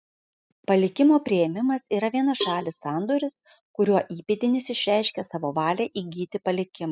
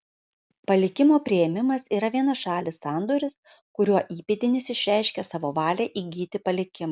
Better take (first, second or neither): second